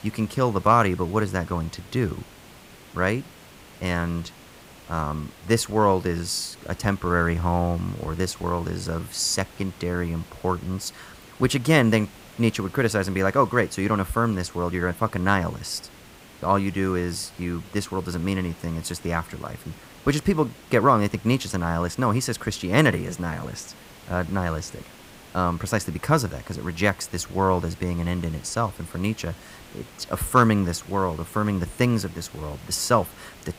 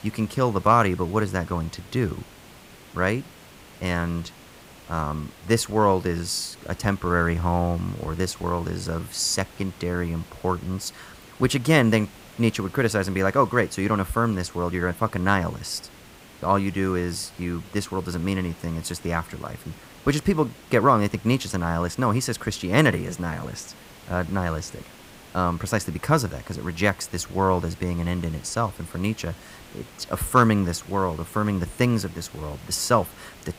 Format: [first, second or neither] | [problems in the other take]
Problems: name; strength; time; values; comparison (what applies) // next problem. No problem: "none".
neither | hiss; faint; throughout; 20 dB below the speech; the same in both